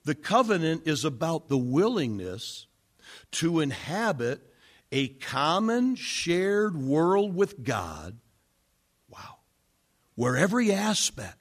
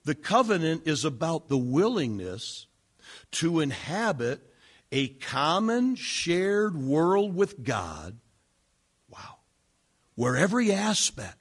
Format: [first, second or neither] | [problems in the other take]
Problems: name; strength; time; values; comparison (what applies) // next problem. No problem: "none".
first | garbled, watery; slightly; nothing above 10.5 kHz